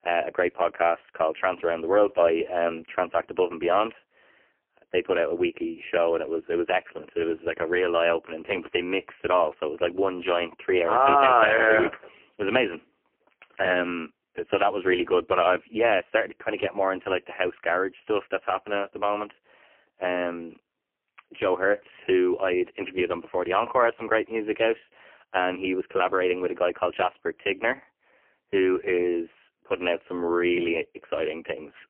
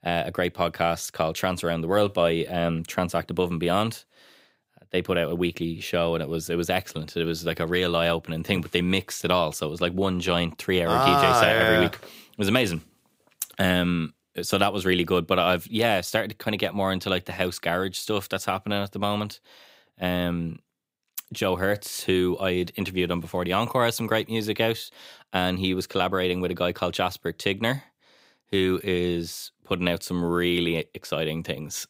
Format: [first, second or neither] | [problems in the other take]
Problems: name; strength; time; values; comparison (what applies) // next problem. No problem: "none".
second | phone-call audio; poor line; nothing above 3 kHz